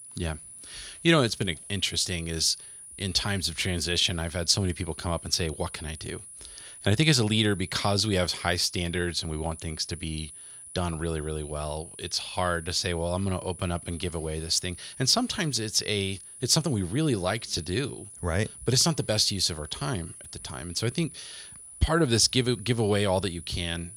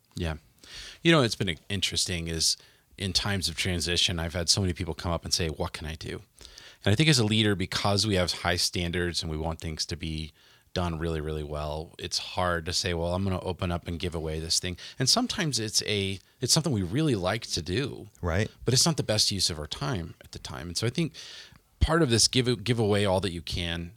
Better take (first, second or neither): second